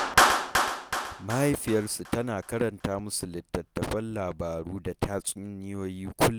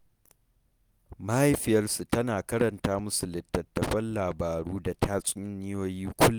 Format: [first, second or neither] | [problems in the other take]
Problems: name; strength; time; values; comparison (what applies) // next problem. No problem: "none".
second | background sound (Clapping); 1 dB below the speech